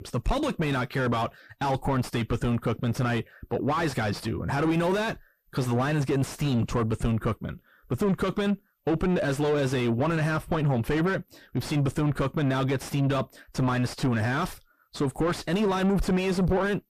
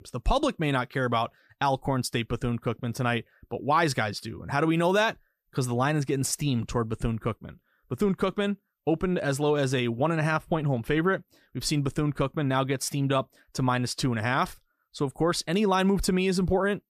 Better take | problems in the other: second | distortion; heavy; 6 dB below the speech

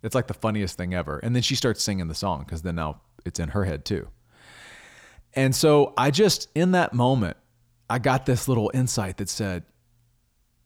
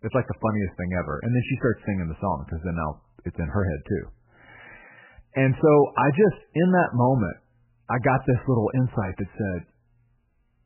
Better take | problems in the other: first | garbled, watery; badly; nothing above 3 kHz

